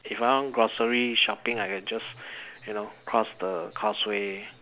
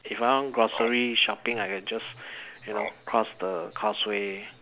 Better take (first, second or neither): first